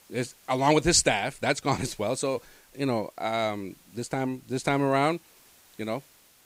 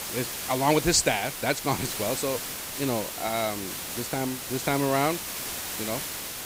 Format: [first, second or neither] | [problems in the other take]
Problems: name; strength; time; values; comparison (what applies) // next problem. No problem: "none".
first | hiss; loud; throughout; 5 dB below the speech; faint in the first